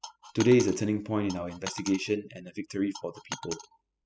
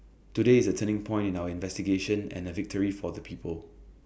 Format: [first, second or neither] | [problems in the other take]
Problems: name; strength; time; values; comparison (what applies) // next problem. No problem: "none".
second | noise reduction (classical method spectral subtraction)